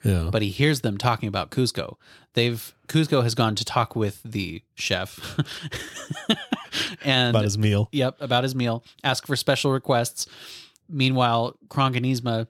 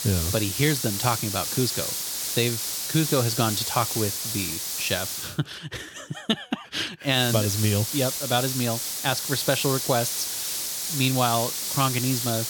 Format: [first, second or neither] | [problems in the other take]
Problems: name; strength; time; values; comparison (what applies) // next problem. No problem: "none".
first | hiss; loud; until 5.5 s and from 7 s on; 1 dB below the speech